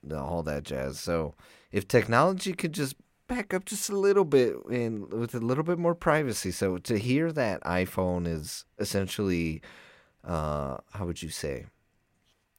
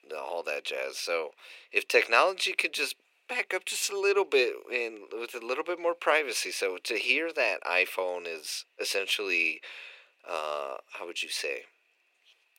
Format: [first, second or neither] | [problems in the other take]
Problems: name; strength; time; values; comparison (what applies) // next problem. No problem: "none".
first | thin; very; fading below 400 Hz